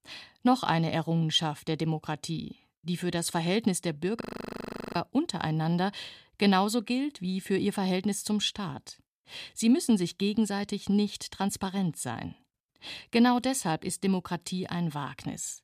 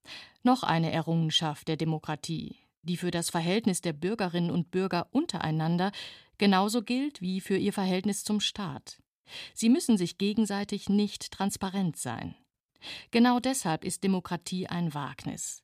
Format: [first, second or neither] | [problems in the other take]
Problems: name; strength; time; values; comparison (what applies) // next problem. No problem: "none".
second | audio freezing; at 4 s for 0.5 s